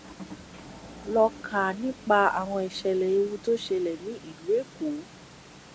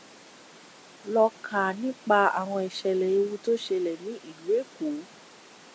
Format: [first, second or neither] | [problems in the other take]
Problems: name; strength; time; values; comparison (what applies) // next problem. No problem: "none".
second | background sound (Motor vehicle (road) / Engine); 19 dB below the speech